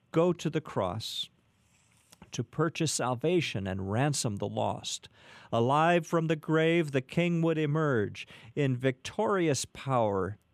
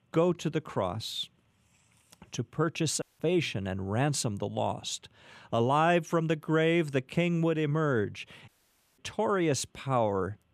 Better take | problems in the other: first | audio cutting out; at 3 s and at 8.5 s for 0.5 s

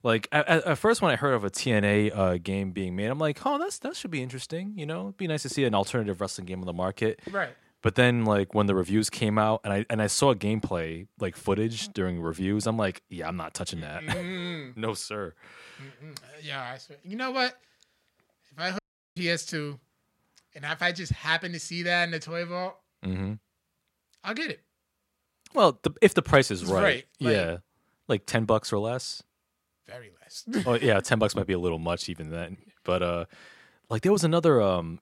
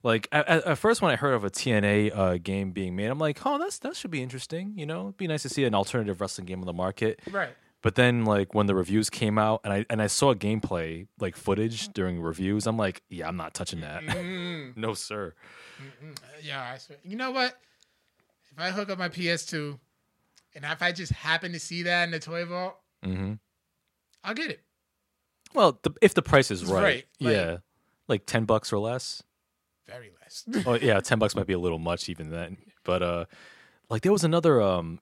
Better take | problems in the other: second | audio cutting out; at 19 s

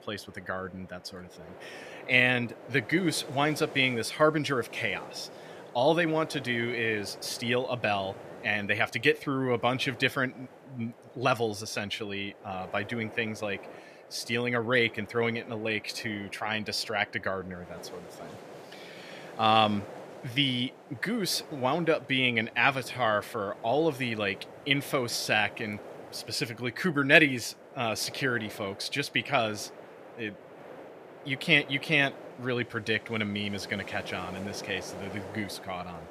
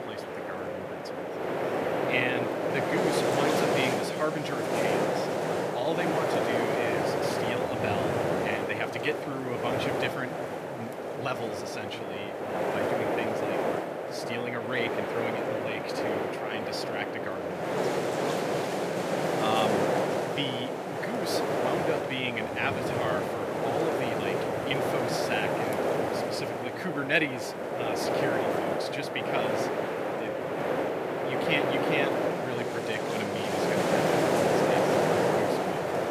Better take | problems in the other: first | wind noise on the microphone; heavy; 5 dB above the speech; occasional gusts in the first

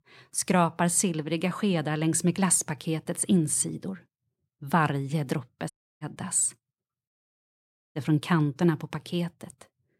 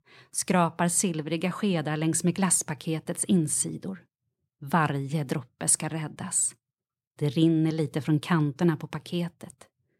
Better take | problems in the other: second | audio cutting out; at 5.5 s and at 7 s for 1 s

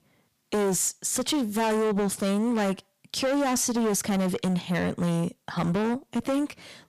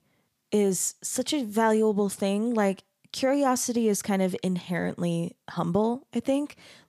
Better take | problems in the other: second | distortion; heavy; 22% of the sound clipped

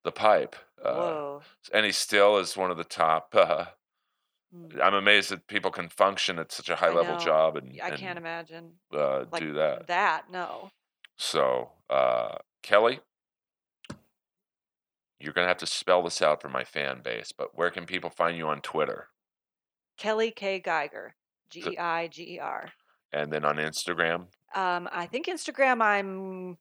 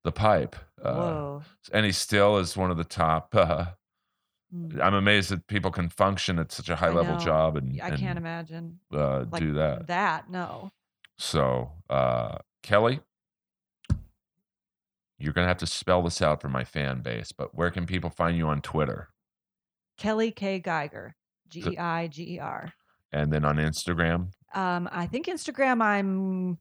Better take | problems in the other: second | thin; somewhat; fading below 400 Hz

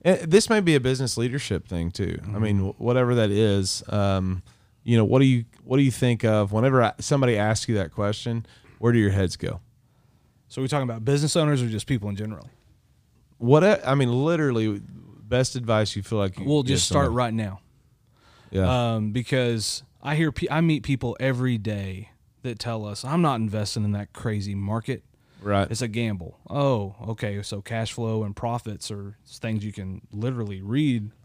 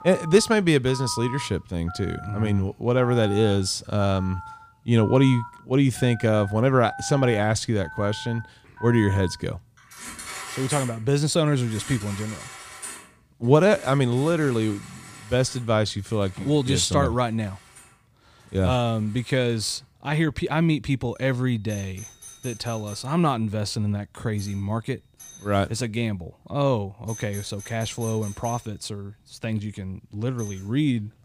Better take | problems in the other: first | alarms or sirens; noticeable; throughout; 15 dB below the speech

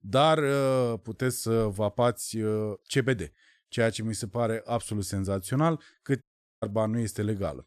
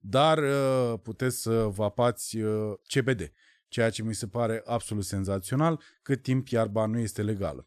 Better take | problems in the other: second | audio cutting out; at 6 s

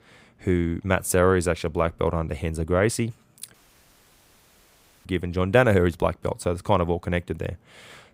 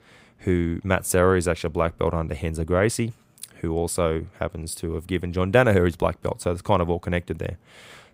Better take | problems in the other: second | audio cutting out; at 3.5 s for 1.5 s

